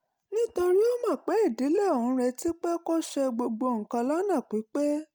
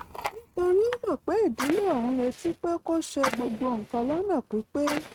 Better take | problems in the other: first | noise reduction (neural mask model RNNoise)

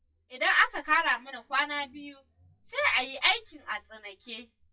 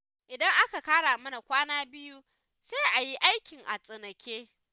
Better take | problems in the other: second | noise reduction (classical method WPE with log-MMSE)

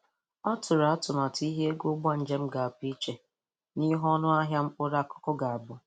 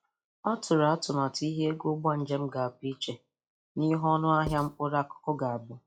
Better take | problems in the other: first | noise reduction (classical method log-MMSE)

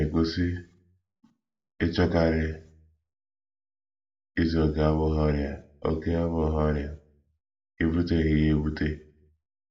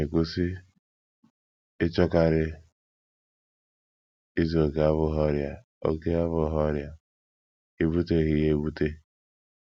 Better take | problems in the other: second | room echo; dies away in 0.3 s

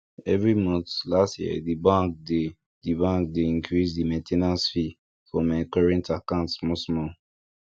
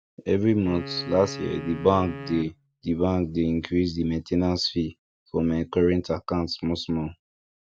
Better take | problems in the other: first | background sound (Wind instrument, woodwind instrument); 14 dB below the speech

